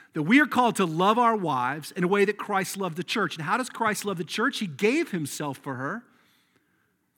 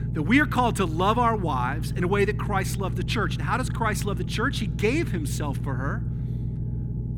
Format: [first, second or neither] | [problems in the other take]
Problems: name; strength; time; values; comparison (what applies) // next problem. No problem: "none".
first | low rumble; noticeable; throughout; 15 dB below the speech